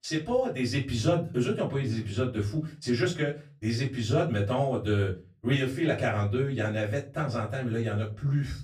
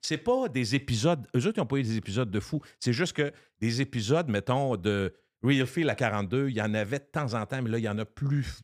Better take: second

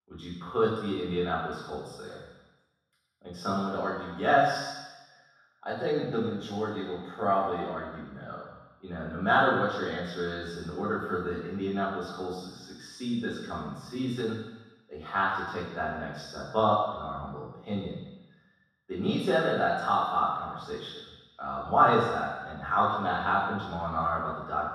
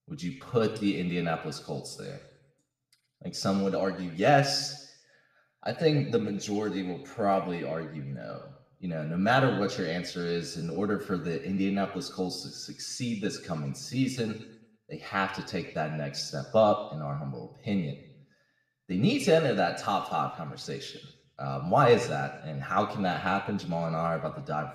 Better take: second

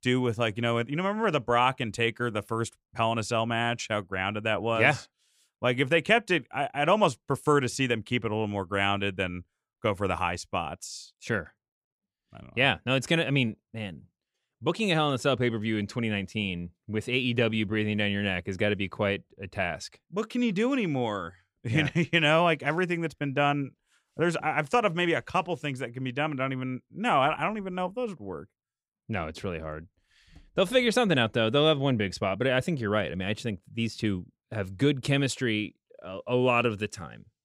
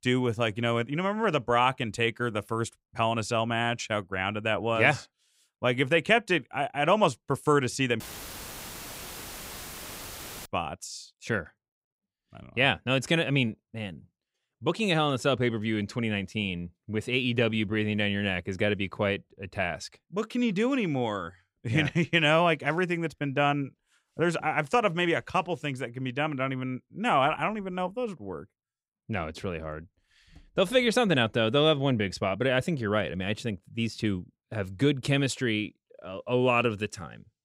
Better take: first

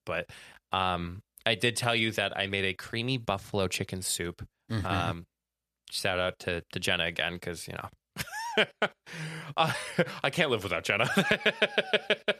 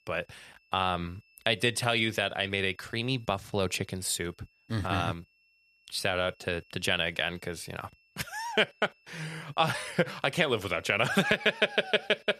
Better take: first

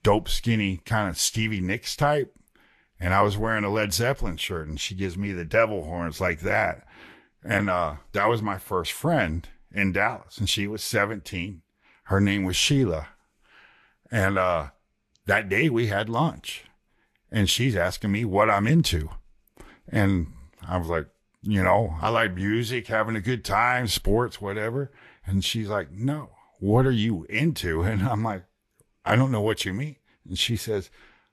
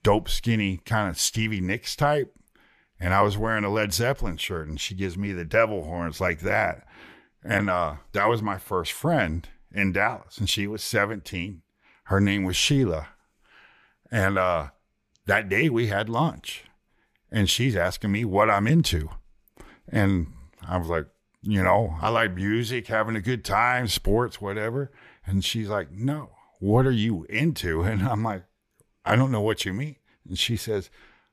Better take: second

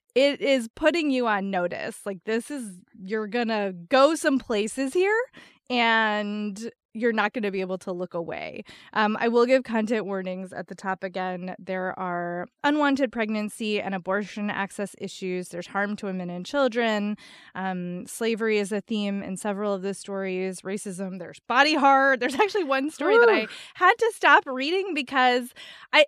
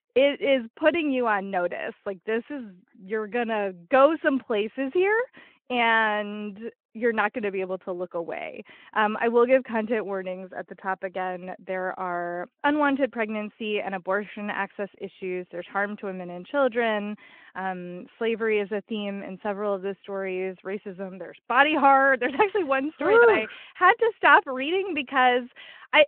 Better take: first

